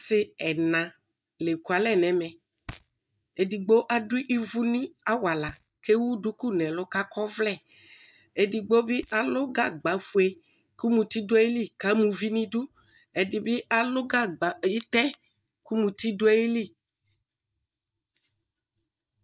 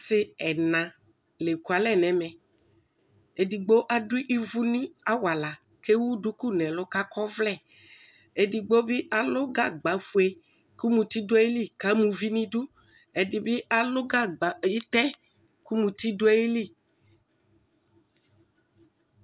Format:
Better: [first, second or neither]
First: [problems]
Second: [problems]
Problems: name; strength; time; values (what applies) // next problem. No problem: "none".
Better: second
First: noise reduction (neural mask model DeepFilterNet 3)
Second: none